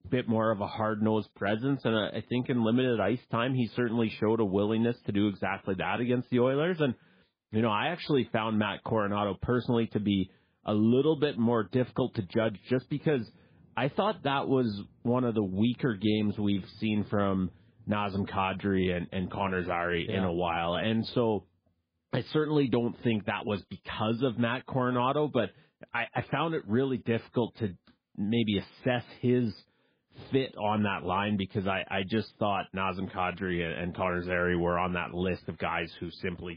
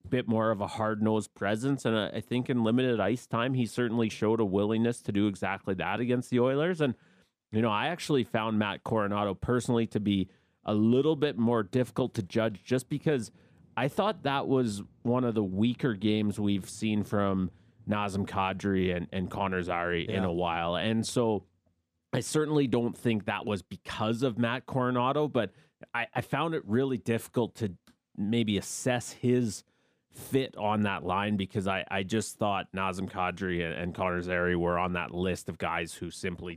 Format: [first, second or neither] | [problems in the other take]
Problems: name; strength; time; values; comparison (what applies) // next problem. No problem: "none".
second | garbled, watery; badly